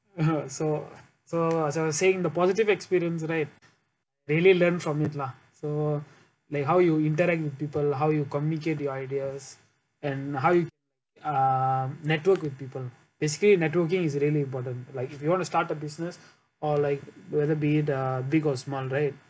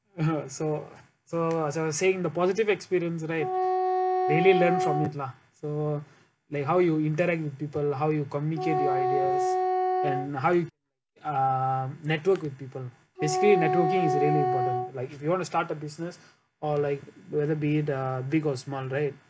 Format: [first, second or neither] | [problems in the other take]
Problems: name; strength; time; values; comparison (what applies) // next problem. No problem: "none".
first | background sound (Wind instrument, woodwind instrument); as loud as the speech